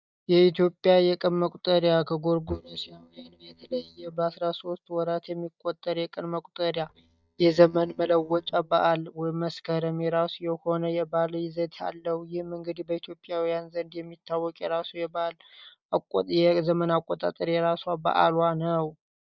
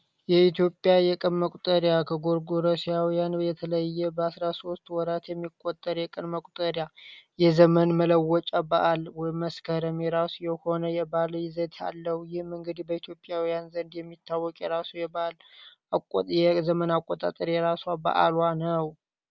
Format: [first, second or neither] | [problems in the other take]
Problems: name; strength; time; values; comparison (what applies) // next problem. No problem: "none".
second | noise reduction (neural mask model DeepFilterNet 3)